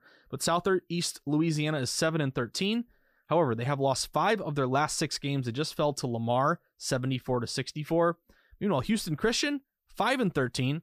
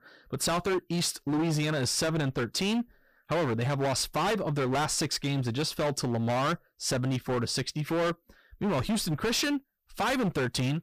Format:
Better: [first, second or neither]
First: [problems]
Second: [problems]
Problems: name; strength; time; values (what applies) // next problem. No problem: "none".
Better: first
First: none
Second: distortion; heavy; 22% of the sound clipped